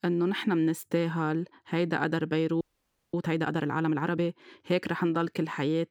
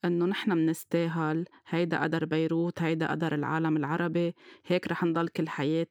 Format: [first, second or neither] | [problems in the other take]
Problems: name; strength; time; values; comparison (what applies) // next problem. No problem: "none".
second | audio freezing; at 2.5 s for 0.5 s